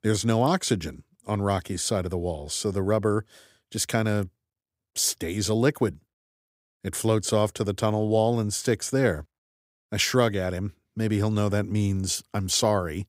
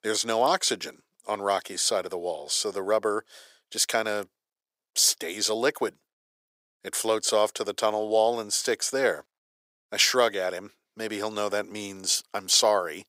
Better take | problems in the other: first | thin; very; fading below 550 Hz

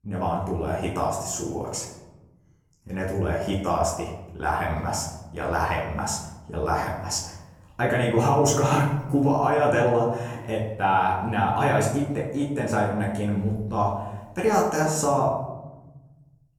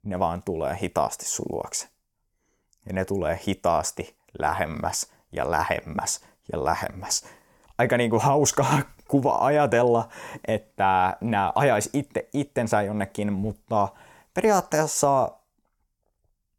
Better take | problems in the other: second | off-mic speech; far // room echo; noticeable; dies away in 1.1 s

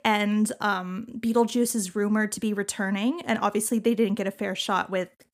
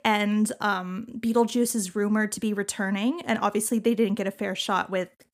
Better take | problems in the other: neither | none

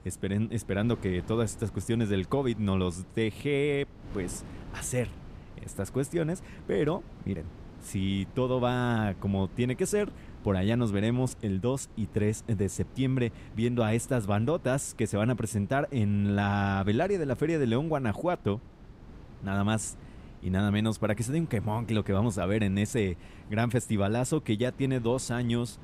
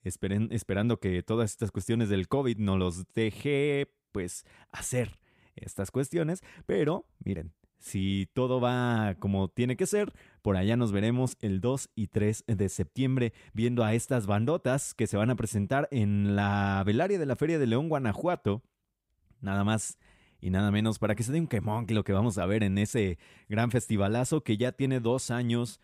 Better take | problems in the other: second | wind noise on the microphone; occasional gusts; 20 dB below the speech

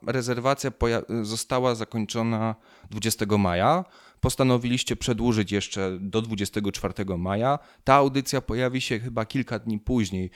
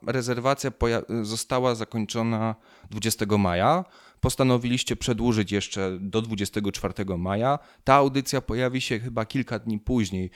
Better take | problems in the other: neither | none

